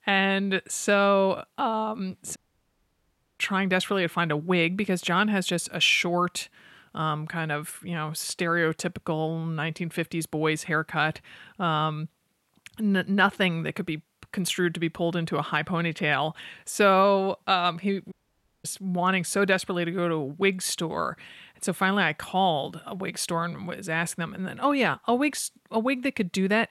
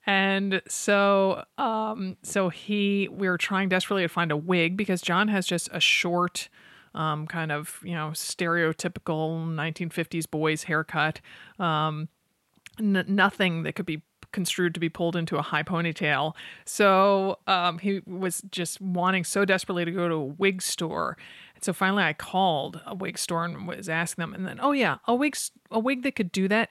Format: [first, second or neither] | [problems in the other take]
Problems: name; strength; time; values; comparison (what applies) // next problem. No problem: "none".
second | audio cutting out; at 2.5 s for 1 s and at 18 s for 0.5 s